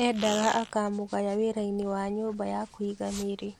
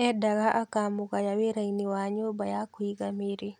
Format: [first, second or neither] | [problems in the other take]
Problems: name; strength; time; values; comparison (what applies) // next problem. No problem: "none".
second | background sound (Fart); 14 dB below the speech